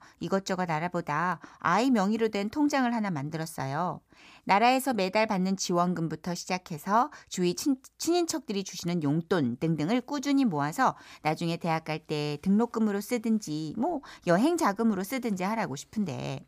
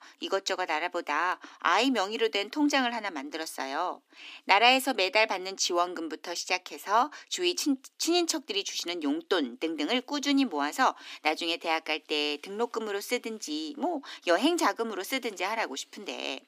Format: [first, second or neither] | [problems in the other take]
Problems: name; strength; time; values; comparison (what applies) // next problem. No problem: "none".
first | thin; very slightly; fading below 250 Hz